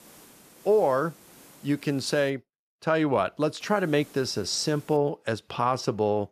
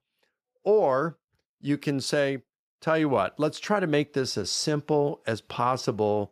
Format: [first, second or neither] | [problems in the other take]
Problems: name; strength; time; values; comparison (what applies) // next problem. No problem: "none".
second | hiss; faint; until 2.5 s and from 3.5 to 5 s; 25 dB below the speech